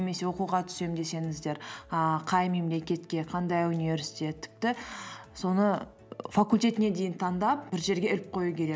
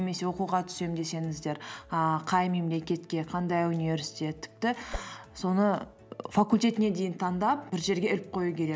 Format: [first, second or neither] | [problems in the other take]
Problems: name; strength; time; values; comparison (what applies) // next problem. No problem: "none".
first | background sound (Whoosh, swoosh, swish); 10 dB below the speech